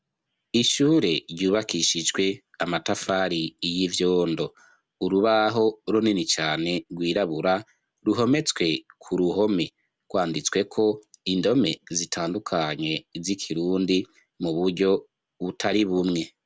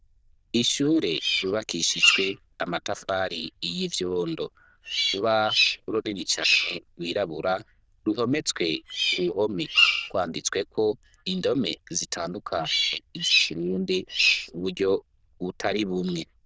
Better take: first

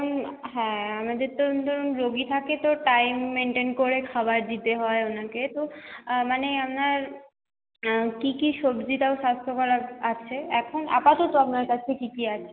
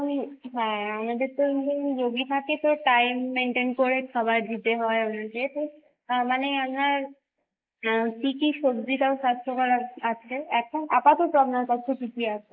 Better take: first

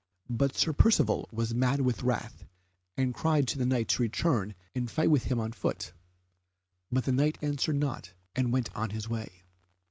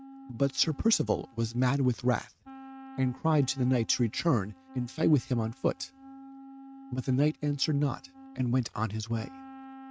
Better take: first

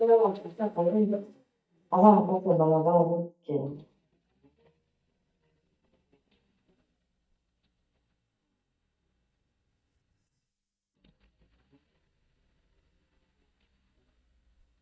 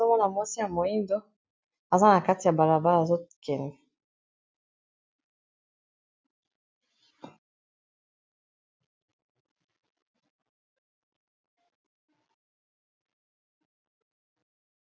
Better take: second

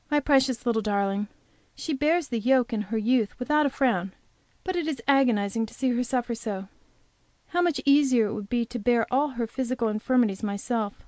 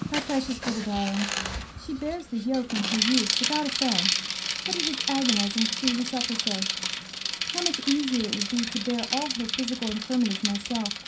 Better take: first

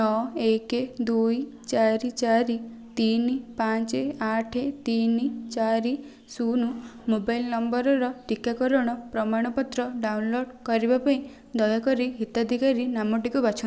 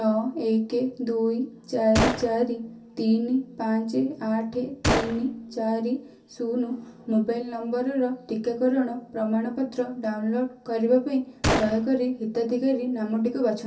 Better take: first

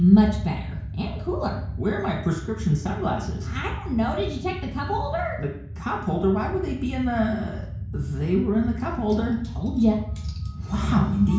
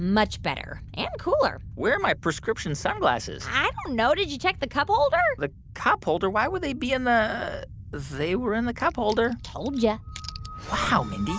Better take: second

